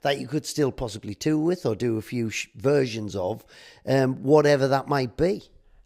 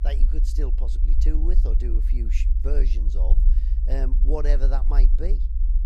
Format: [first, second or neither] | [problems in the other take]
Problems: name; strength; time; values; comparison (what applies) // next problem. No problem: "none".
first | low rumble; loud; throughout; 9 dB below the speech